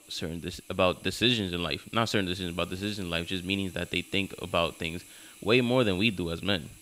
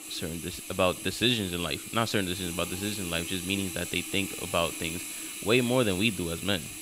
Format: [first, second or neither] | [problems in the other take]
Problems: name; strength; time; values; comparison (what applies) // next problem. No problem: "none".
first | household noises; loud; throughout; 7 dB below the speech; faint in the first